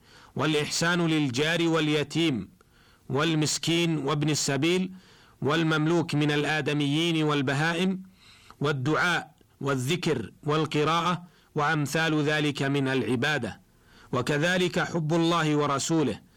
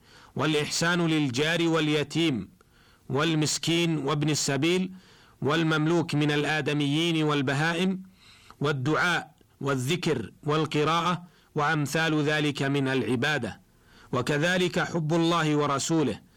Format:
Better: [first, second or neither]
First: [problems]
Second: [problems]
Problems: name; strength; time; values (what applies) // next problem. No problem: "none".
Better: neither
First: distortion; slight; 10 dB below the speech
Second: distortion; slight; 10 dB below the speech